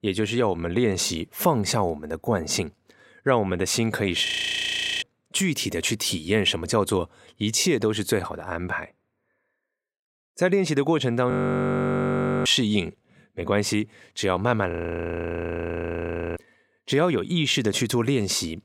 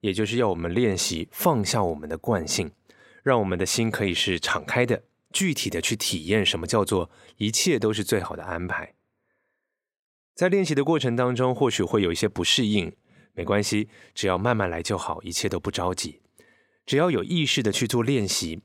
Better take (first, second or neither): second